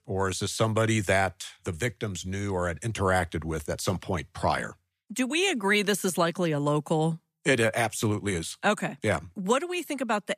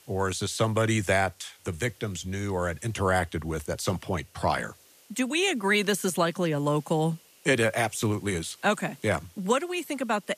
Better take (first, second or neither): first